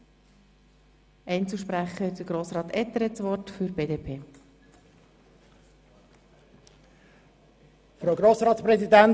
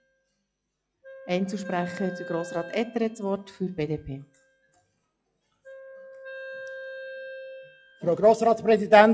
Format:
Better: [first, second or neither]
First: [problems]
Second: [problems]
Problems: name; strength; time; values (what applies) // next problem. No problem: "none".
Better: first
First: none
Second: noise reduction (classical method log-MMSE)